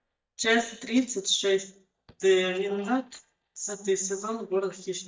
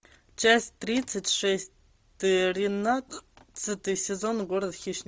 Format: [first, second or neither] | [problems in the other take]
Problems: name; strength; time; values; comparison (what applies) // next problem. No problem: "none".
second | noise reduction (neural mask model DeepFilterNet 3)